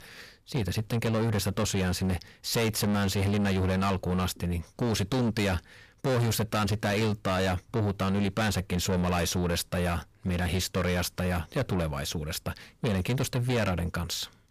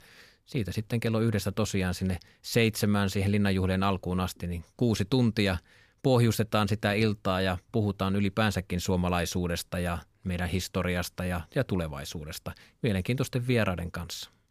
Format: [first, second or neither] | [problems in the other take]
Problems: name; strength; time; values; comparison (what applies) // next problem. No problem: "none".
second | distortion; heavy; 7 dB below the speech